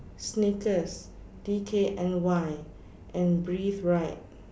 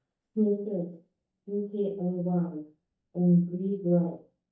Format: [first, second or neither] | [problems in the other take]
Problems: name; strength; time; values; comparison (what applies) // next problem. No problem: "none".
first | noise reduction (neural mask model DeepFilterNet 3)